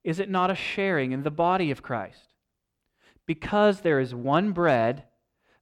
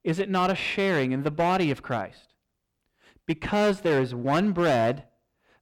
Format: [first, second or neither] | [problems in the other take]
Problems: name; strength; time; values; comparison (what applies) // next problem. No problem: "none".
first | distortion; slight; 8% of the sound clipped